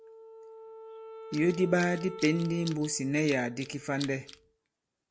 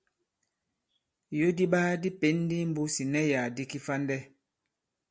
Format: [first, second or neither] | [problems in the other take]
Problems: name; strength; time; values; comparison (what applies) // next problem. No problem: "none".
second | background sound (Wind instrument, woodwind instrument + Tools); 14 dB below the speech